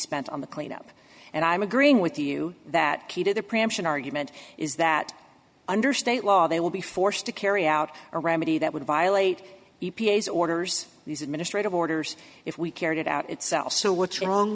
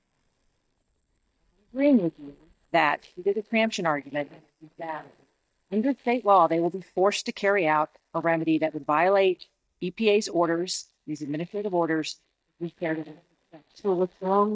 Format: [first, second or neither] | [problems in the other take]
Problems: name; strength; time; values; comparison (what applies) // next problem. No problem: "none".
first | noise reduction (neural mask model DeepFilterNet 3)